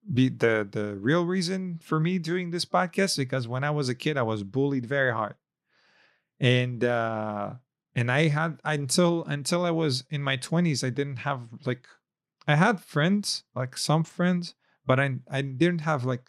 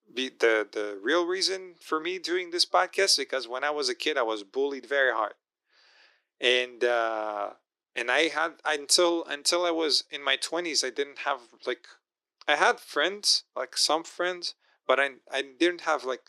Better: first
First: none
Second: thin; very; fading below 350 Hz

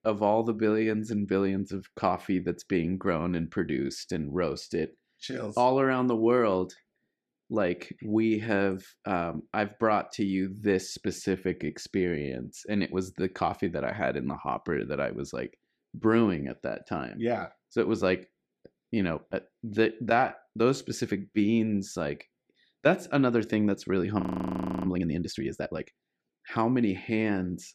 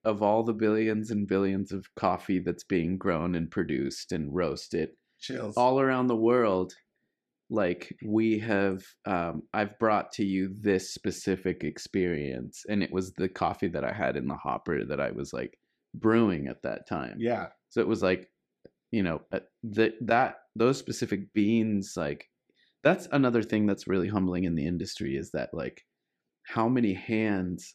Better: second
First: audio freezing; at 24 s for 0.5 s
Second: none

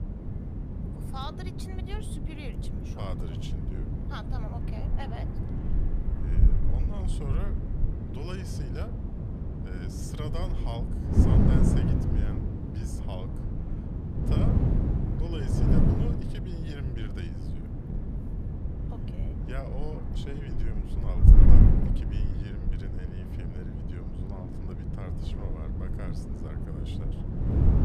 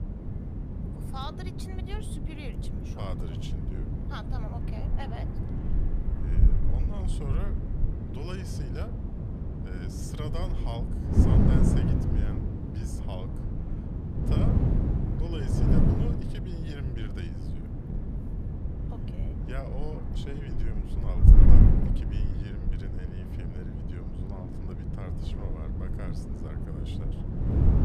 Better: neither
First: wind noise on the microphone; heavy; 4 dB above the speech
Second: wind noise on the microphone; heavy; 4 dB above the speech

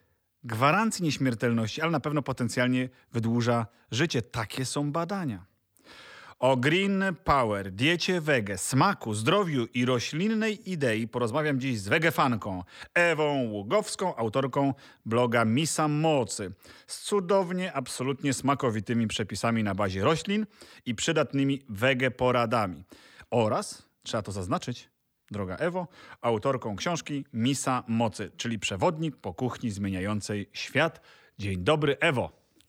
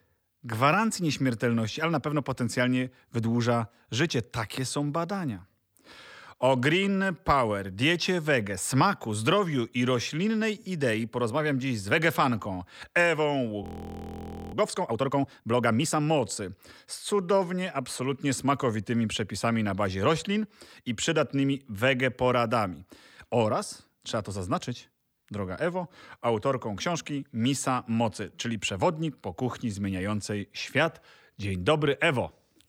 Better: first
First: none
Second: audio freezing; at 14 s for 1 s

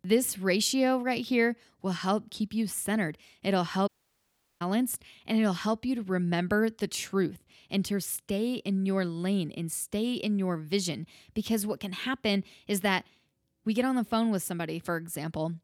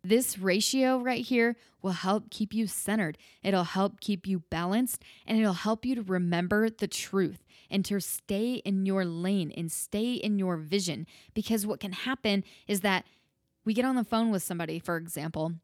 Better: second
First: audio cutting out; at 4 s for 0.5 s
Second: none

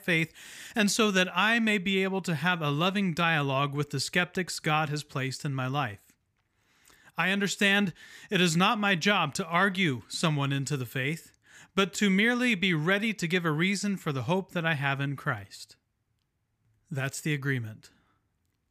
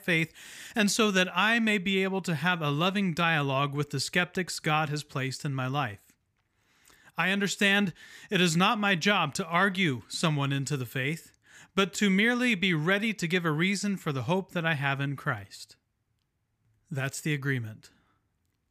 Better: neither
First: none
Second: none

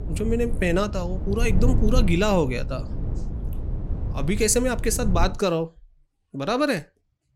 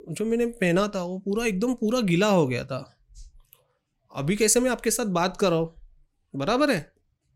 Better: second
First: low rumble; noticeable; until 5.5 s; 15 dB below the speech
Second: none

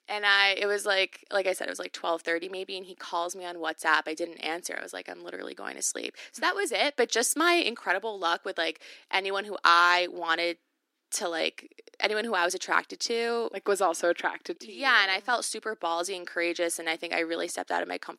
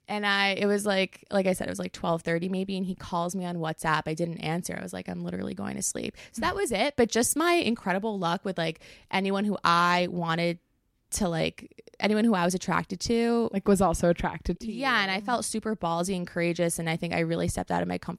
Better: second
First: thin; very; fading below 300 Hz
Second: none

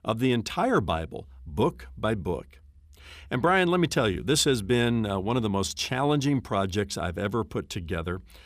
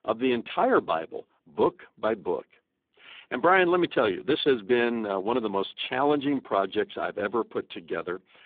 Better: first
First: none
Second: phone-call audio; poor line

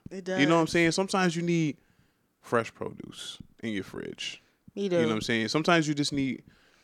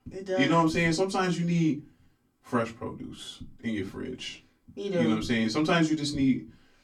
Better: first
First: none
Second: off-mic speech; far // room echo; very slight; dies away in 0.2 s

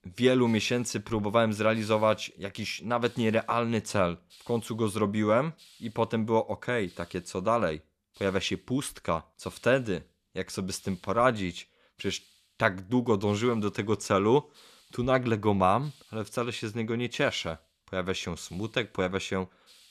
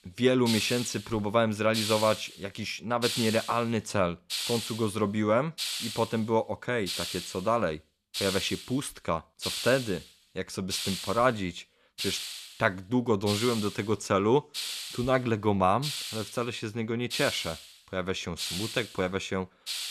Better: first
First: hiss; faint; throughout; 30 dB below the speech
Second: hiss; loud; throughout; 5 dB below the speech

